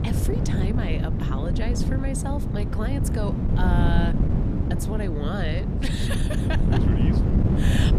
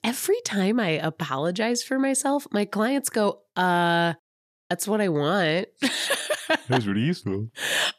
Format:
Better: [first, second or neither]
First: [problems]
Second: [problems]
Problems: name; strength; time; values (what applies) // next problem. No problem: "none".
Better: second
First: wind noise on the microphone; heavy; 1 dB below the speech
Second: none